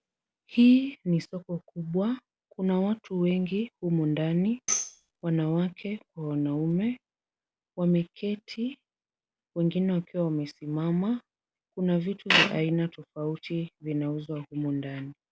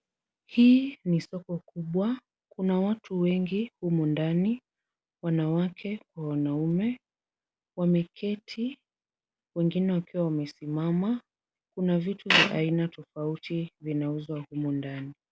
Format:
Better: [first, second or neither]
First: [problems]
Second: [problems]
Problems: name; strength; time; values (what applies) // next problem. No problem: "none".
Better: second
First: background sound (Tambourine); 8 dB below the speech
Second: none